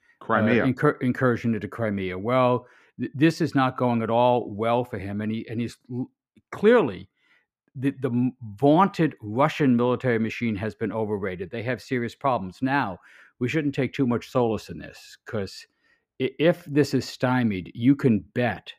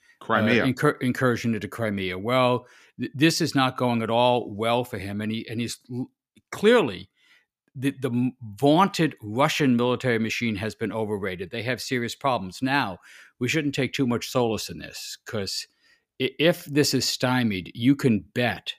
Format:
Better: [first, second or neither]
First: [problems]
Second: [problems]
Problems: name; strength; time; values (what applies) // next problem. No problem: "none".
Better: second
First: muffled; slightly; fading above 2.5 kHz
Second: none